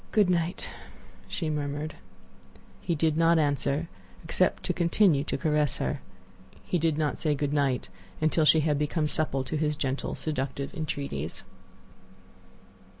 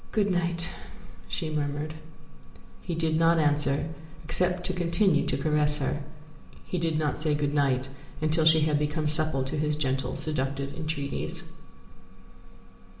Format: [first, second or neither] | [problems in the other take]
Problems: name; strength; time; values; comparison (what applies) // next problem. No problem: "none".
first | room echo; dies away in 1.6 s